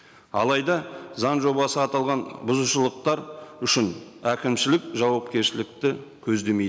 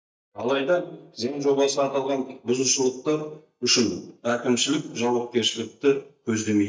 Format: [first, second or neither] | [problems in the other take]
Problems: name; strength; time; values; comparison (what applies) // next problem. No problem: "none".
first | noise reduction (neural mask model DeepFilterNet 3)